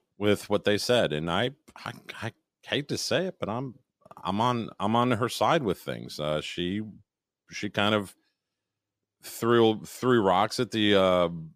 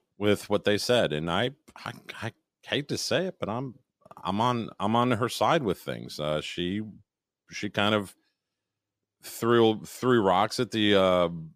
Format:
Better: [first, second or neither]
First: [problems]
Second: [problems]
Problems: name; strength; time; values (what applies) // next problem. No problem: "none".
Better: neither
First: none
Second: none